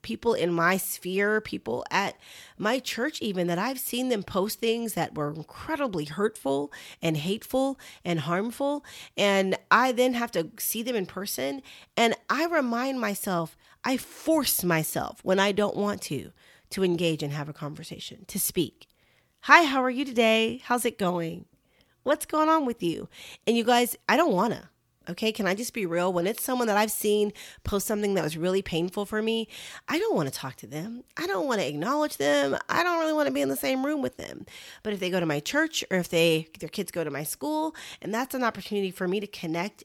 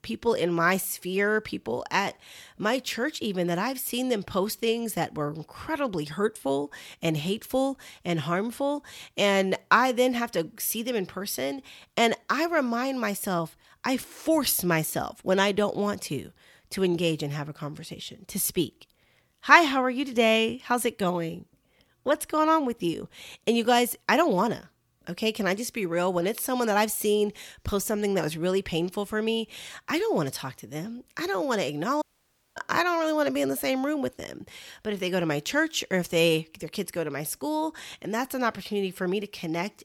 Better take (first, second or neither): first